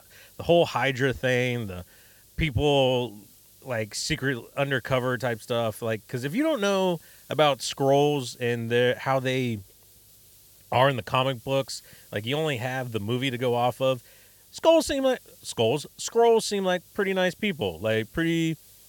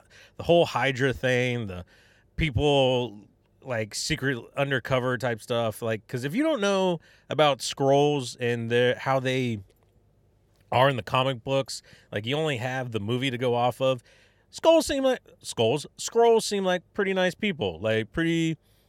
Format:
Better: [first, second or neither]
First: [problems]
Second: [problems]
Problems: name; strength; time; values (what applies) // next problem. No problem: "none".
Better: second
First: hiss; faint; throughout; 25 dB below the speech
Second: none